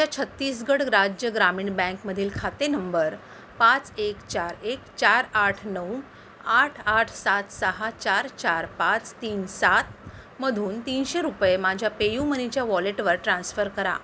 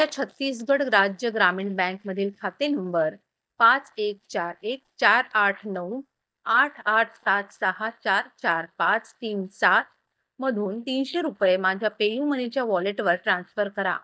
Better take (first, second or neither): first